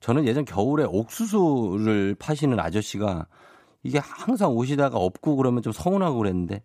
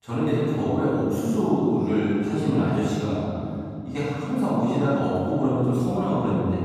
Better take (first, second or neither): first